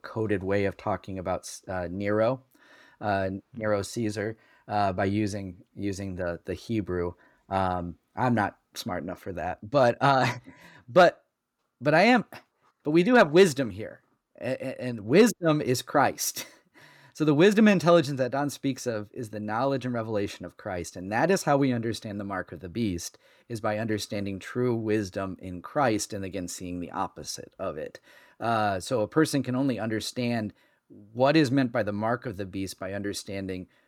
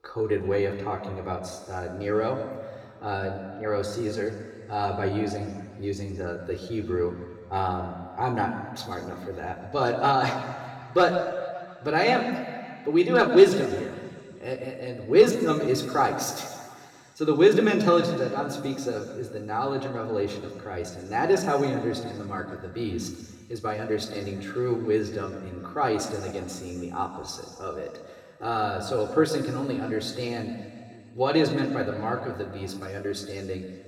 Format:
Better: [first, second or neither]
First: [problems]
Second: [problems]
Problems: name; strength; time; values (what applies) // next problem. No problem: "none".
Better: first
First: none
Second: room echo; slight; dies away in 2.1 s